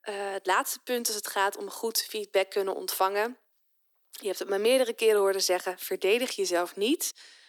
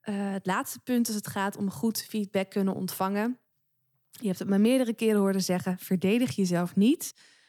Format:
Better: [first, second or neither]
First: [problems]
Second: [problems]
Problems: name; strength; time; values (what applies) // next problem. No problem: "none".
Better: second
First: thin; very; fading below 350 Hz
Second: none